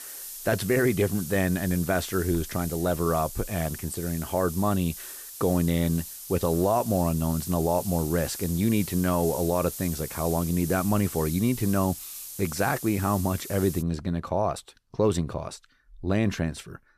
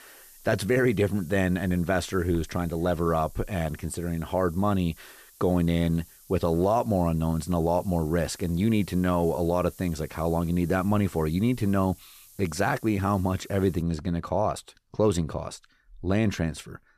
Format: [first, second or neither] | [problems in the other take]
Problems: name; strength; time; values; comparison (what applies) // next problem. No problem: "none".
second | hiss; loud; until 14 s; 10 dB below the speech; faint in the second